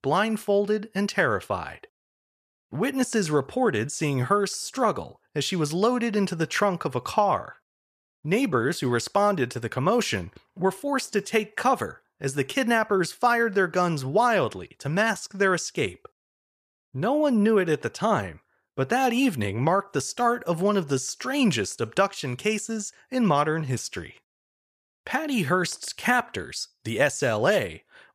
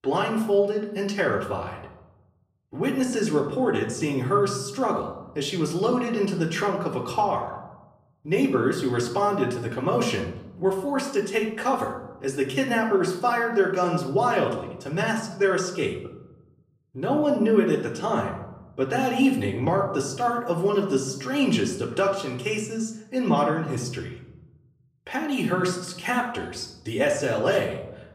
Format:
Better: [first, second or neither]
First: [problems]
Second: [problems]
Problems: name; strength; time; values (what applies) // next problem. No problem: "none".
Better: first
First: none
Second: off-mic speech; far // room echo; slight; dies away in 0.8 s